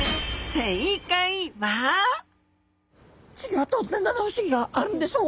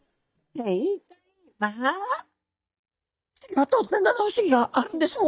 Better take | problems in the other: first | noise reduction (neural mask model DeepFilterNet 3)

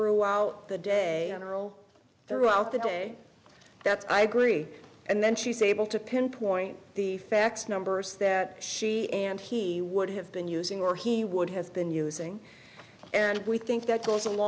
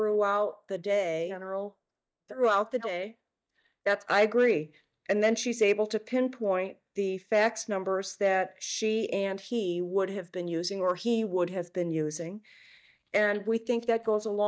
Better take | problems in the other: first | noise reduction (neural mask model DeepFilterNet 3)

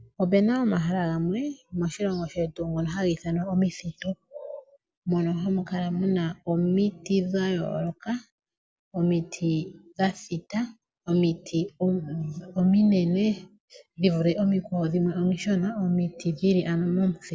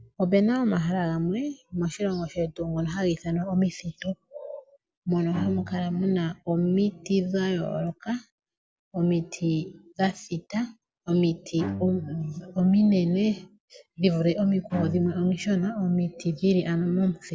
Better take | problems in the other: first | background sound (Bowed string instrument); 12 dB below the speech

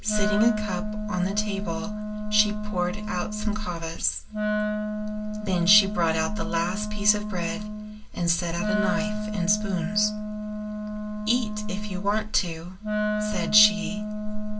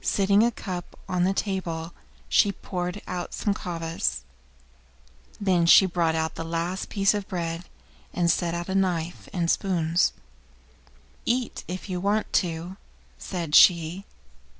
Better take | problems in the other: second | background sound (Wind instrument, woodwind instrument); 3 dB below the speech // room echo; dies away in 0.2 s

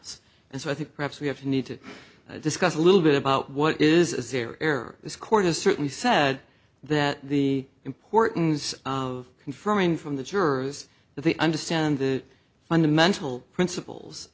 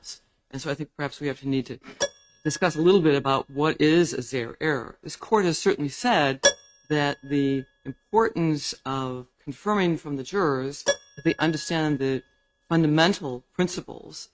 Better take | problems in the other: first | noise reduction (neural mask model RNNoise)

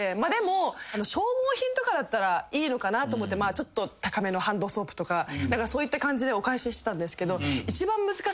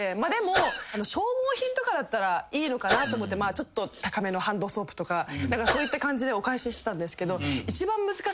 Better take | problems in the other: first | background sound (Sneeze / Cough); 6 dB below the speech

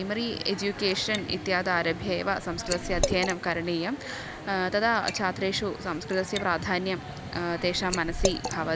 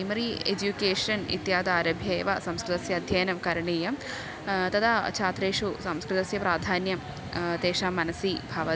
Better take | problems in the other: second | background sound (Liquid); 9 dB below the speech

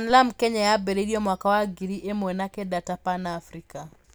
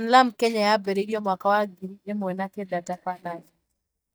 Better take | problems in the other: first | noise reduction (neural mask model DeepFilterNet 3)

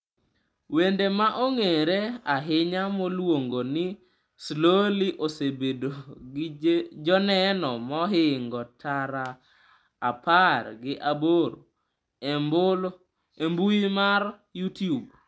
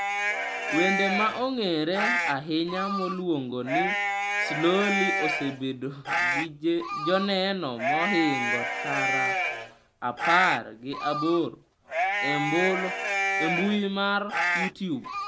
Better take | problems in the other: first | background sound (Livestock, farm animals, working animals); as loud as the speech

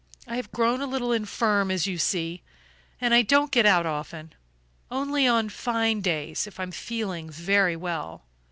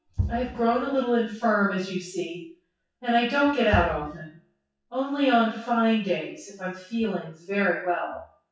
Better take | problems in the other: first | noise reduction (classical method WPE with log-MMSE)

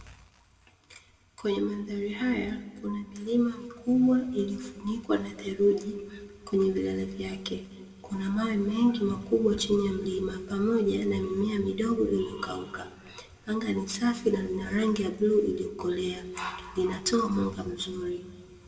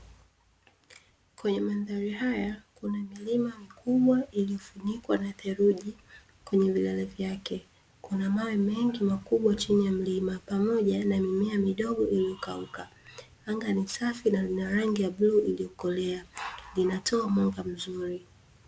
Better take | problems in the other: second | room echo; dies away in 1.1 s

